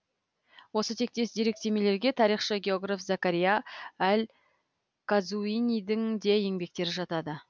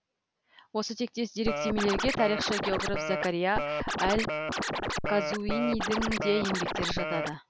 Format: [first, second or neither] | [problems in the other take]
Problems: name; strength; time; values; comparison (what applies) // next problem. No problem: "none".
first | background sound (Scratching (performance technique)); as loud as the speech